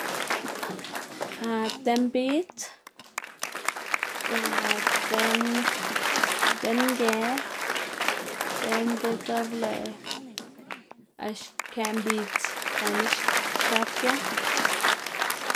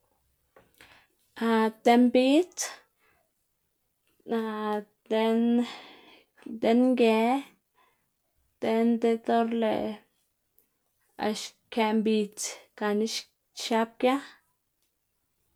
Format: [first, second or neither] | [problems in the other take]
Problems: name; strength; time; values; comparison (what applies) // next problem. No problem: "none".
second | background sound (Applause); 3 dB above the speech